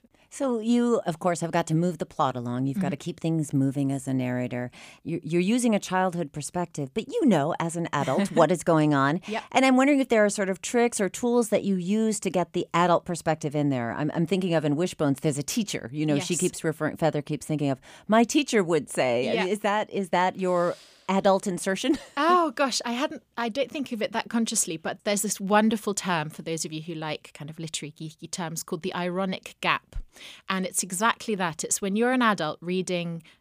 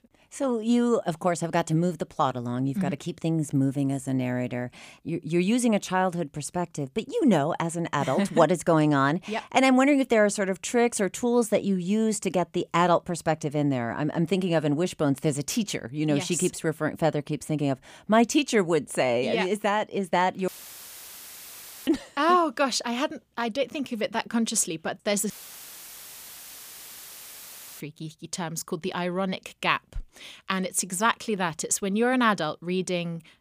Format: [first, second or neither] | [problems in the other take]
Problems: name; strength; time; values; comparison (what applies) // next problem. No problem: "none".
first | audio cutting out; filled with static; at 20 s for 1.5 s and at 25 s for 2.5 s